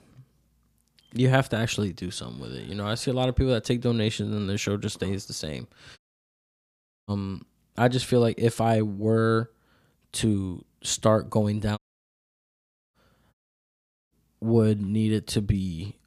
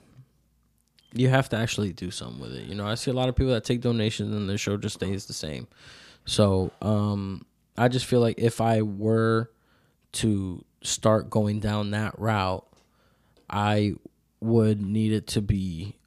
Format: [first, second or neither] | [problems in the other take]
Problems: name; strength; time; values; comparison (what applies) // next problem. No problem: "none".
second | audio cutting out; at 6 s for 1 s, at 12 s for 1 s and at 13 s for 1 s